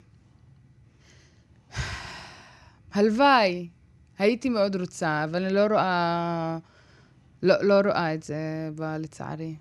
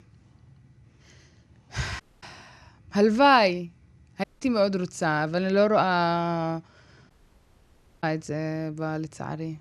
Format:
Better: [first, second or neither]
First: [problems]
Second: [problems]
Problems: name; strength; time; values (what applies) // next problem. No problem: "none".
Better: first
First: none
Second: audio cutting out; at 2 s, at 4 s and at 7 s for 1 s